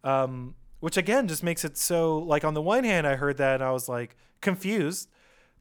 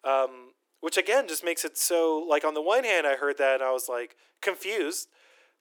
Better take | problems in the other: first | thin; very; fading below 300 Hz

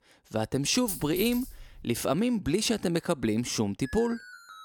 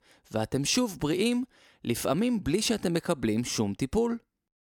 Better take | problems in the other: second | clattering dishes; noticeable; at 1 s; peak 6 dB below the speech // alarm; faint; at 4 s; peak 15 dB below the speech

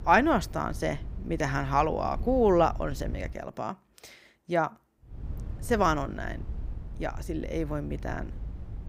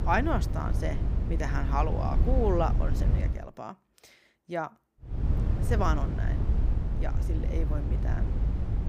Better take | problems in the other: first | low rumble; loud; until 3.5 s and from 5 s on; 9 dB below the speech; faint in the first

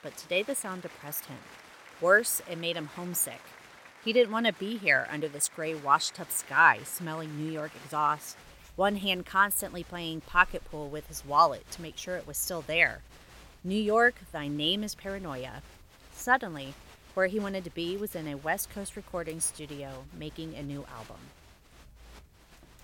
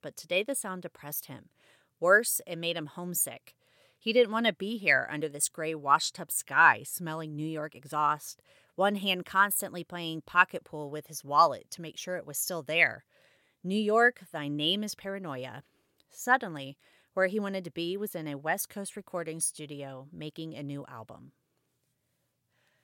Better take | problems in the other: second | crowd noise; faint; throughout; 20 dB below the speech

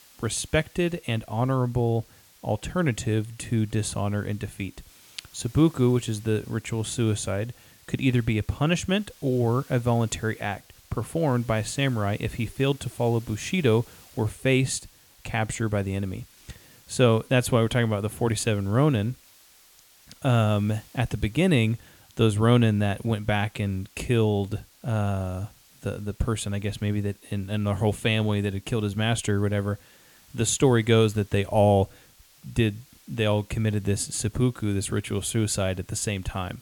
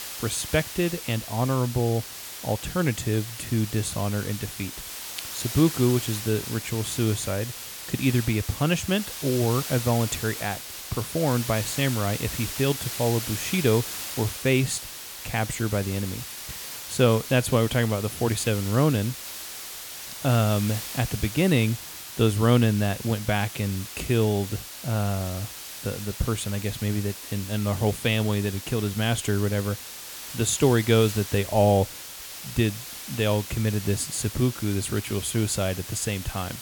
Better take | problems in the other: first | hiss; loud; throughout; 9 dB below the speech; faint in the first

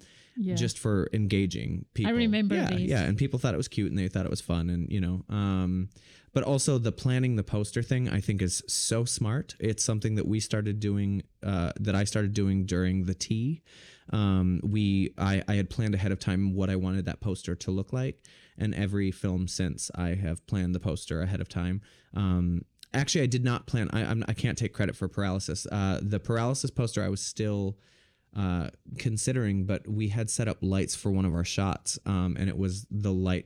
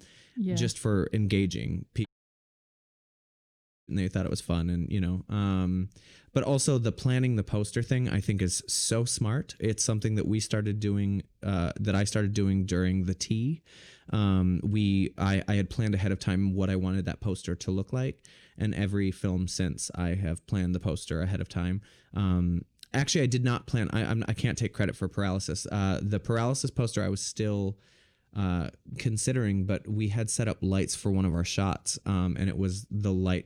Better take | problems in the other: first | audio cutting out; at 2 s for 2 s

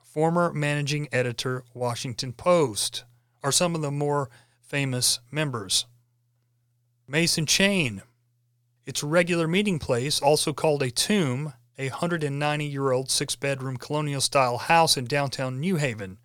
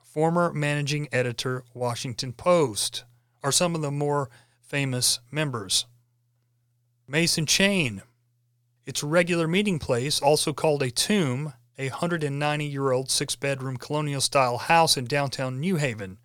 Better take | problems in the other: neither | none

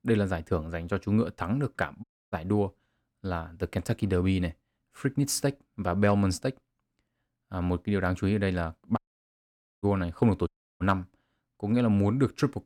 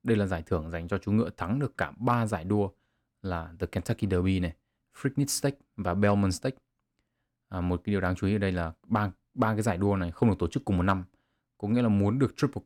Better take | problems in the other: second | audio cutting out; at 2 s, at 9 s for 1 s and at 10 s

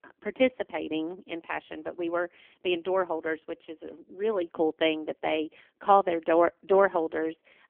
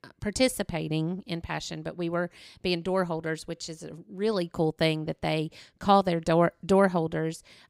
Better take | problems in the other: second | phone-call audio; poor line; nothing above 3 kHz

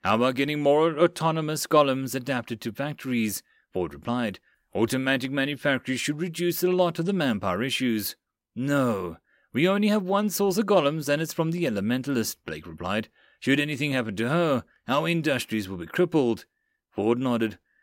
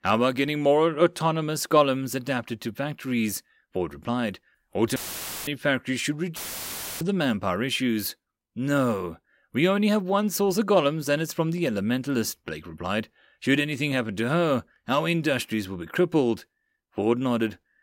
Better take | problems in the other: first | audio cutting out; filled with static; at 5 s for 0.5 s and at 6.5 s for 0.5 s

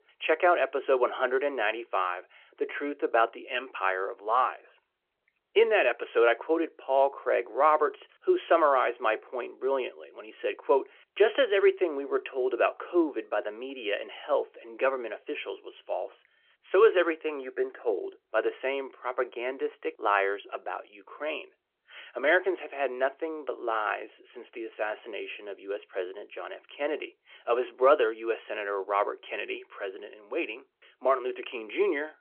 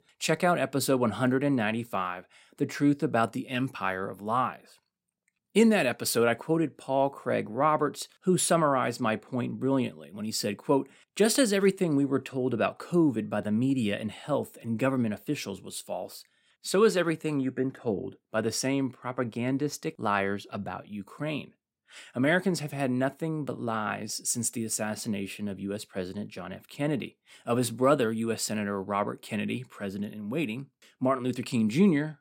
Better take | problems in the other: second | phone-call audio

